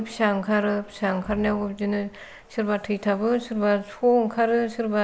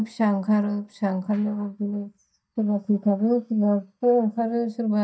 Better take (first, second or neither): first